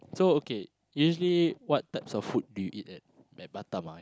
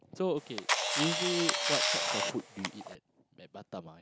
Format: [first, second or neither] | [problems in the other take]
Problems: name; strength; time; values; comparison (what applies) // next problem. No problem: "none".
first | background sound (Camera); 5 dB above the speech